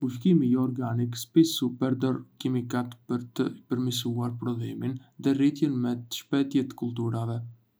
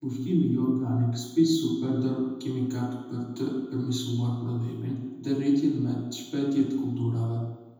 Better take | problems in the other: first | room echo; dies away in 1 s

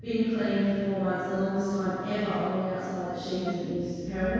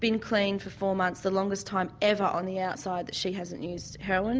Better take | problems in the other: second | background sound (Wind instrument, woodwind instrument); 16 dB below the speech // room echo; dies away in 2 s

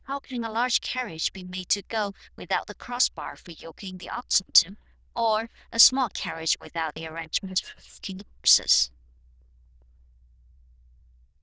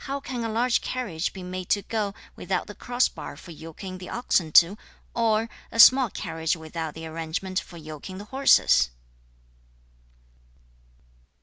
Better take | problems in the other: second | noise reduction (neural diffusion model UNIVERSE++)

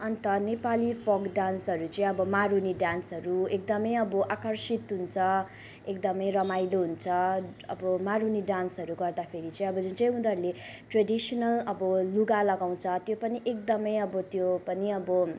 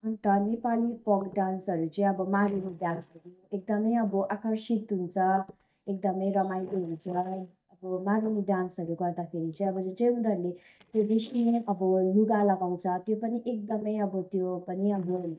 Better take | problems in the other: first | noise reduction (neural mask model DeepFilterNet 3)

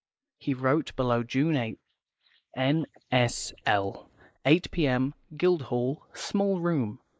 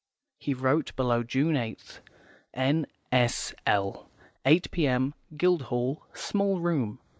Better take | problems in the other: second | noise reduction (neural mask model Resemble Enhance denoiser)

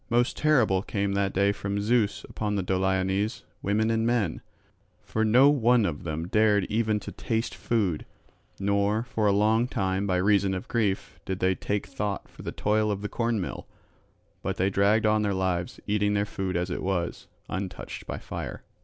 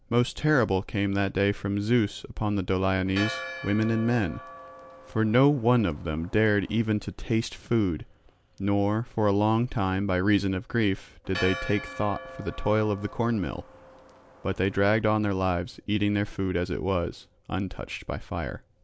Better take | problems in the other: first | background sound (Church bell); 14 dB below the speech

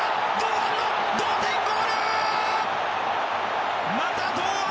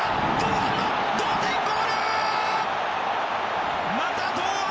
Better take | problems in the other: first | background sound (Thunder); 13 dB below the speech

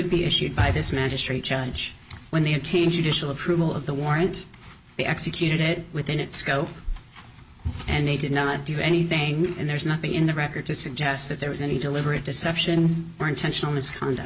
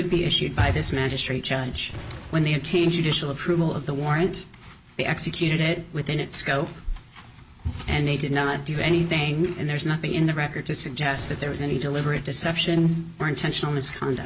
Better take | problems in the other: first | background sound (Boom); 17 dB below the speech

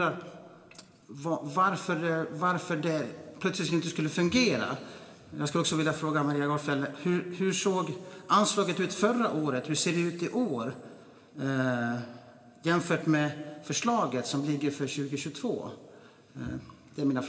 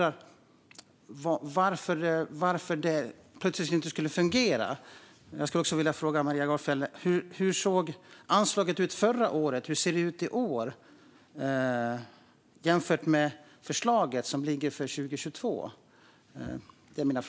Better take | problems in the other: second | room echo; dies away in 1.6 s

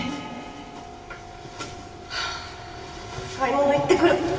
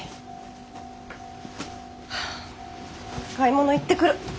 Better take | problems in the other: second | background sound (Acoustic guitar / Strum); 20 dB below the speech // room echo; dies away in 2.8 s

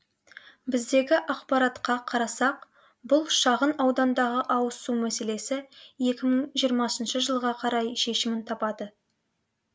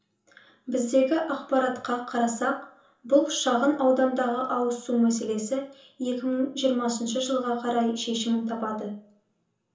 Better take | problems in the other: first | room echo; dies away in 0.8 s

